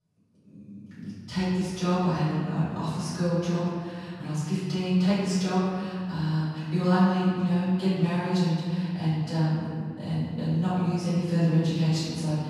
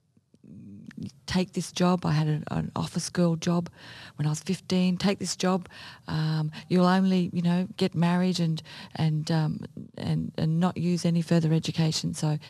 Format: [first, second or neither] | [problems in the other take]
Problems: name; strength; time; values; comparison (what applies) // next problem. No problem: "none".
second | room echo; strong; dies away in 1.9 s // off-mic speech; far